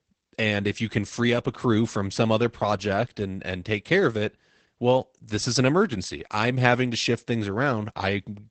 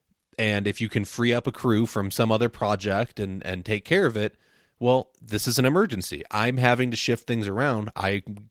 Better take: second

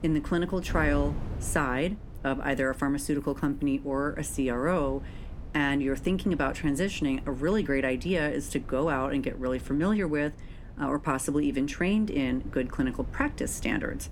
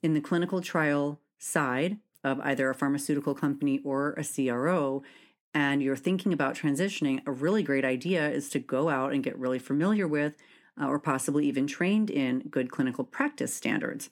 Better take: second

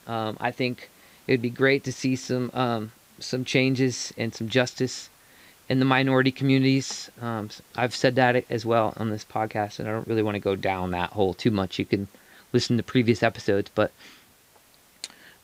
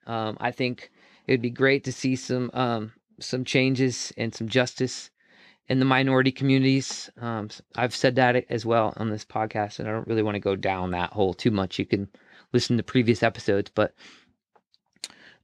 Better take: second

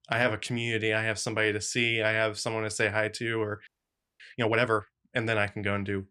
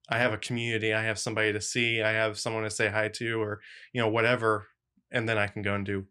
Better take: second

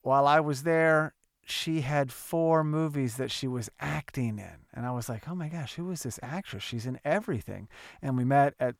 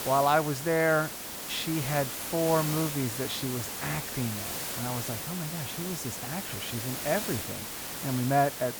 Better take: first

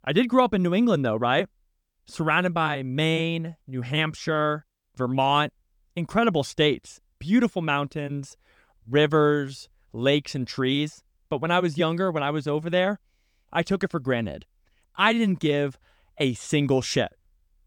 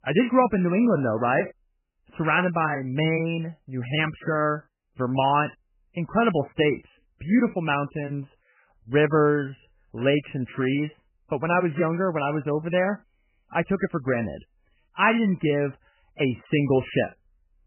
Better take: first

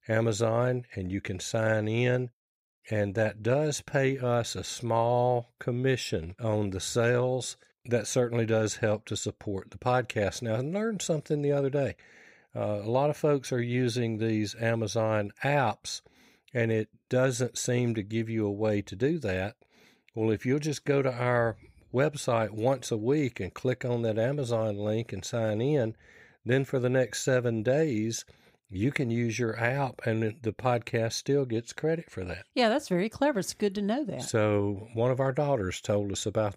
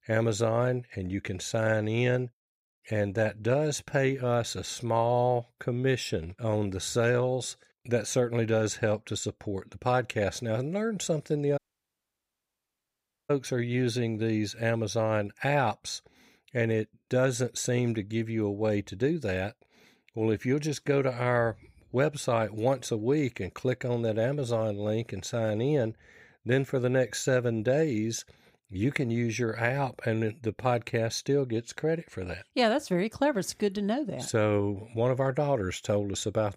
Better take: first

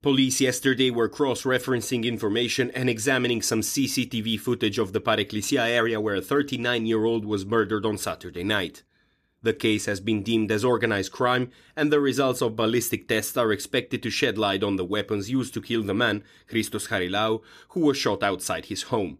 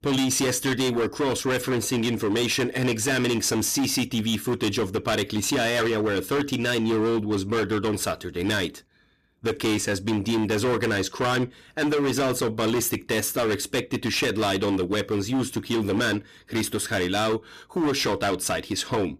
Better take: first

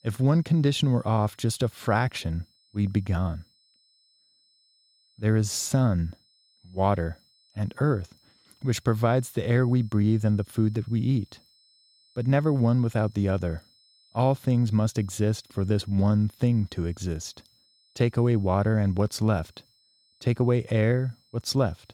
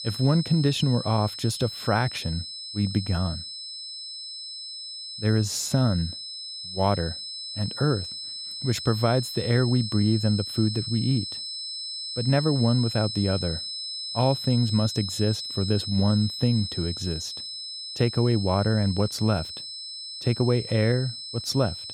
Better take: first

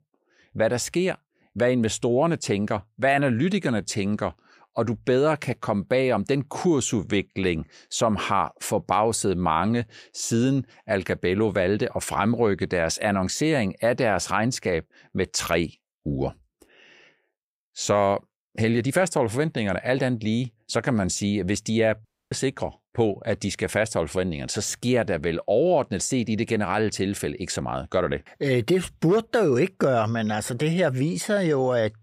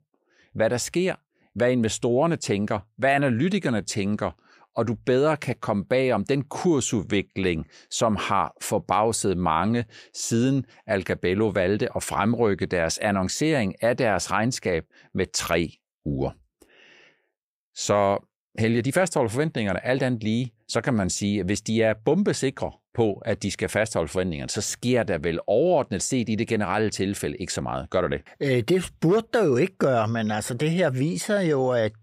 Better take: second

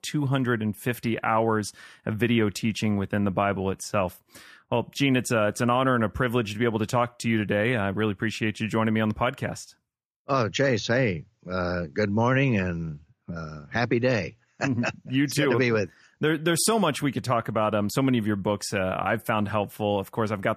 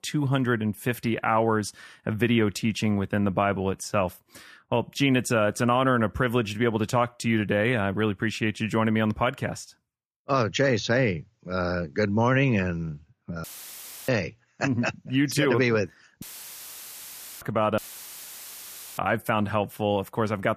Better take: first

